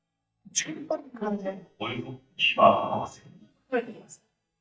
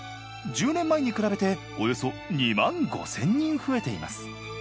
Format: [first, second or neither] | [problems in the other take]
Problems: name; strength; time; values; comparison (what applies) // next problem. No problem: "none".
second | noise reduction (neural mask model DeepFilterNet 3)